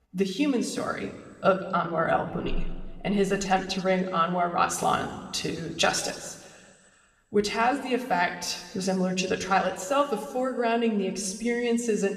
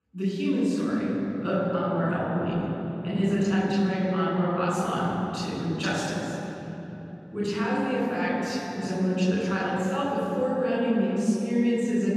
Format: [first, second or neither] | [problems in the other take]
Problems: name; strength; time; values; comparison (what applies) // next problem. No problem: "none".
first | room echo; strong; dies away in 3 s; slight in the first // off-mic speech; far